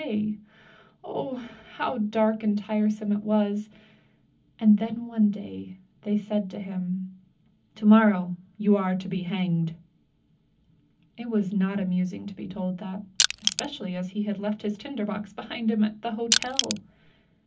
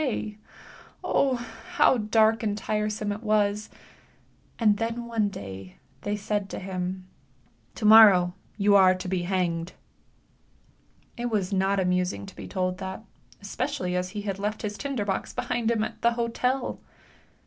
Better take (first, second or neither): second